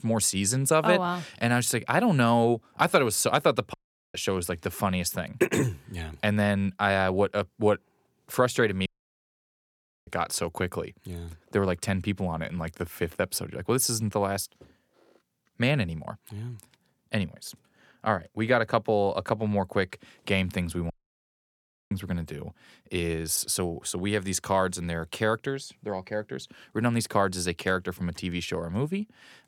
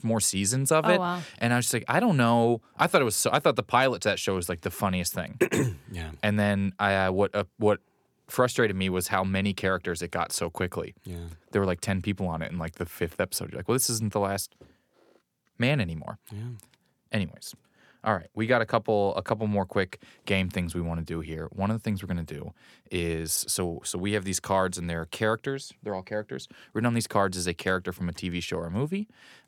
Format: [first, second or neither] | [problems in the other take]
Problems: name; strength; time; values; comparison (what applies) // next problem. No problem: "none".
second | audio cutting out; at 3.5 s, at 9 s for 1 s and at 21 s for 1 s